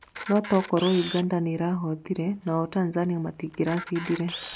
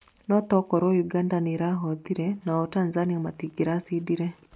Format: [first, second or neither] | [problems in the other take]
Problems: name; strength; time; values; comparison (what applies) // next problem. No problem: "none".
second | background sound (Camera); 14 dB below the speech